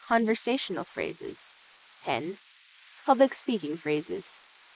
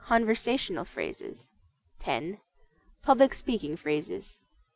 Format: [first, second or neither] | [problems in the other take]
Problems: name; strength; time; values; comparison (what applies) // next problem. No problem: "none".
second | noise reduction (neural mask model Resemble Enhance denoiser)